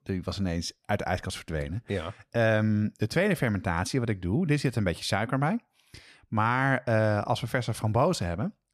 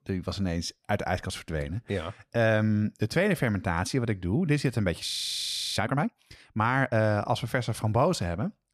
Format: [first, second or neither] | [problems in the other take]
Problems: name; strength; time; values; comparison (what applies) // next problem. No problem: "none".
first | audio freezing; at 5 s for 0.5 s